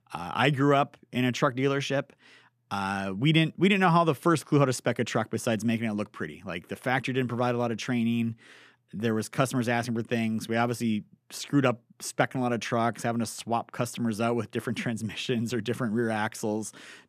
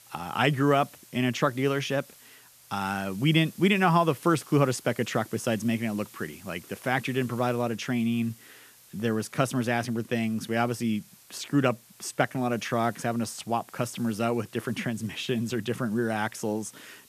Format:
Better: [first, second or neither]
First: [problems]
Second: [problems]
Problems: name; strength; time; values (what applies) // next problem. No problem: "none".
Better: first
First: none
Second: hiss; faint; throughout; 25 dB below the speech